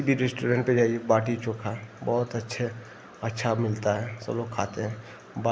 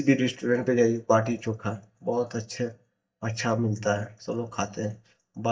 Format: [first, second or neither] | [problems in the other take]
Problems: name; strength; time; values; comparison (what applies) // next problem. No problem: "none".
first | noise reduction (neural mask model DeepFilterNet 3)